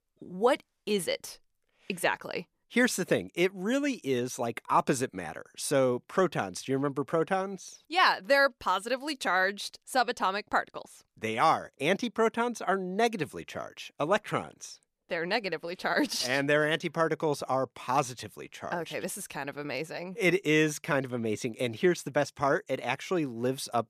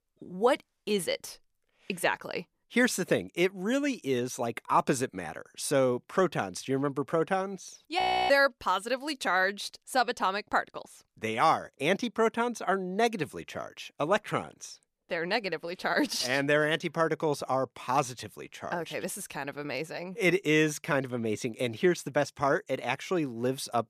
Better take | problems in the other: first | audio freezing; at 8 s

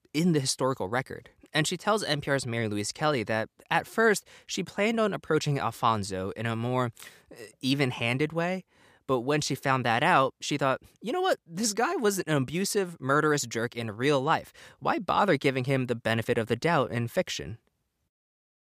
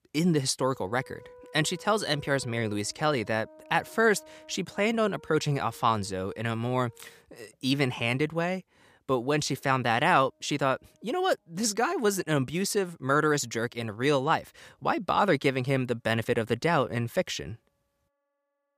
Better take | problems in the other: first | background music; faint; throughout; 25 dB below the speech

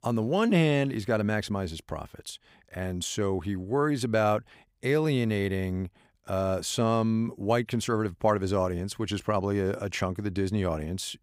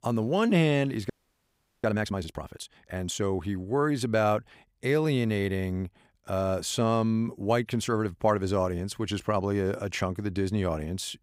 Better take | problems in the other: first | audio freezing; at 1 s for 0.5 s

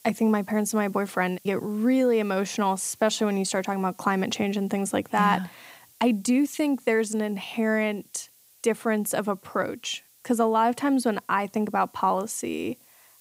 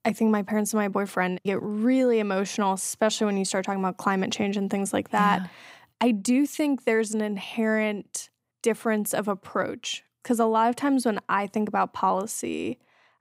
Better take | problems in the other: second | hiss; faint; throughout; 30 dB below the speech

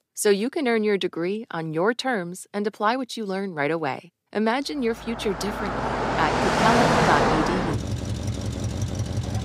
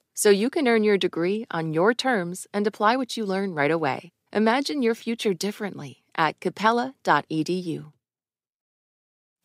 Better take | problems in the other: second | traffic noise; very loud; from 5 s on; 2 dB above the speech

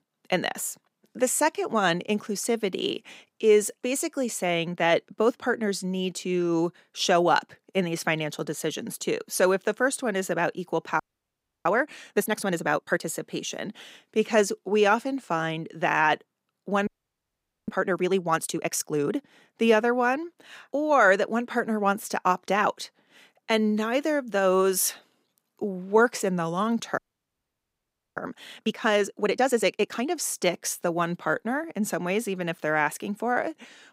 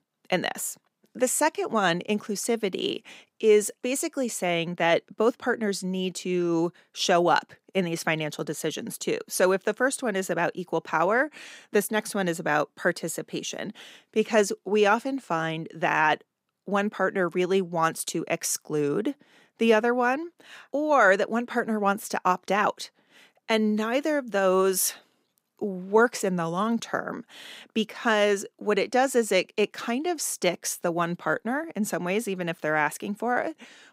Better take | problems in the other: second | audio freezing; at 11 s for 0.5 s, at 17 s for 1 s and at 27 s for 1 s

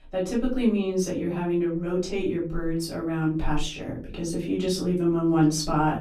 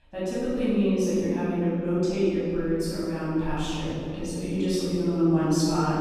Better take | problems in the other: first | room echo; strong; dies away in 2.7 s; slight in the first // off-mic speech; far; far in the first

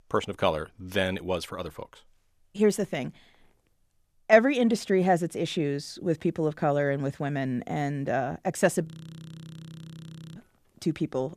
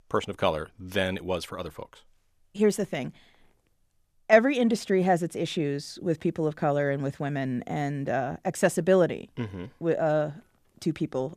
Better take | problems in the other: second | audio freezing; at 9 s for 1.5 s

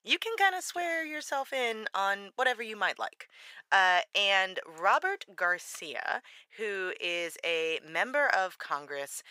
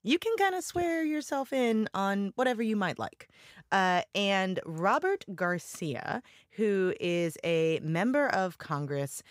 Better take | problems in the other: second | thin; very; fading below 700 Hz

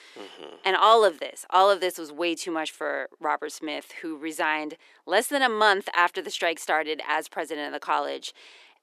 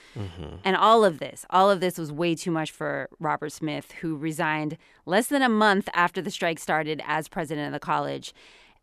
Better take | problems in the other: second | thin; somewhat; fading below 350 Hz

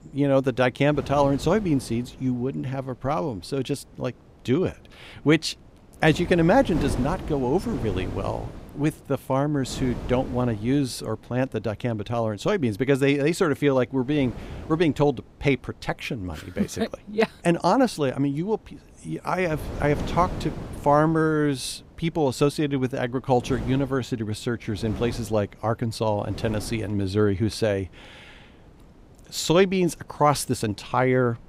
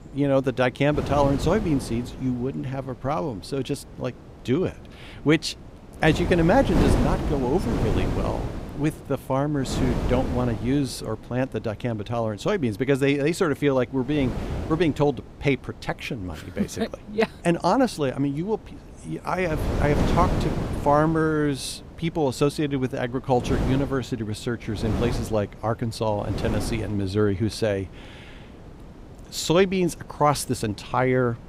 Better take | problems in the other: first | wind noise on the microphone; heavy; 8 dB below the speech; occasional gusts in the first

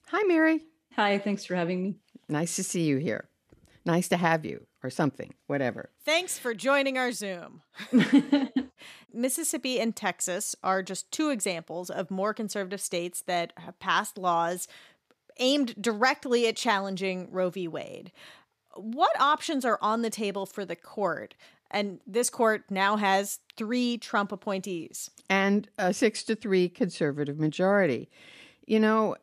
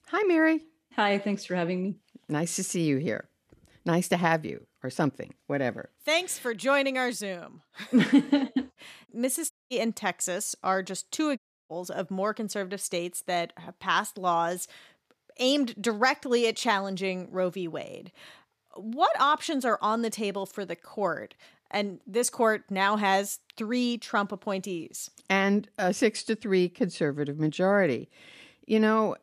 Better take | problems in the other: first | audio cutting out; at 9.5 s and at 11 s

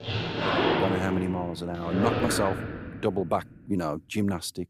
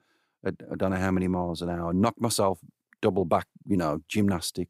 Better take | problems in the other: second | household noises; very loud; until 2.5 s; 1 dB above the speech

